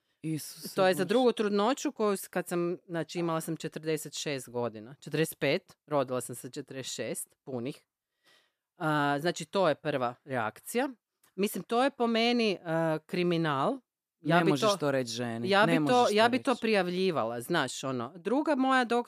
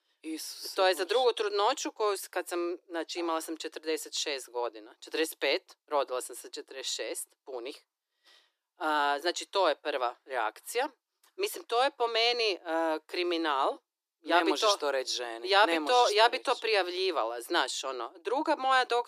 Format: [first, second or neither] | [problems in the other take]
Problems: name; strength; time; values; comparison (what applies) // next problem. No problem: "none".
first | thin; very; fading below 300 Hz